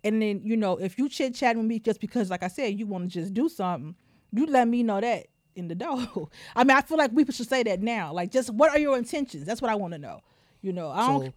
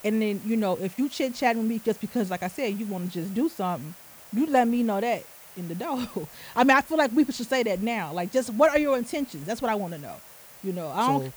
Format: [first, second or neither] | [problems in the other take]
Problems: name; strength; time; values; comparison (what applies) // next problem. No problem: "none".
first | hiss; noticeable; throughout; 20 dB below the speech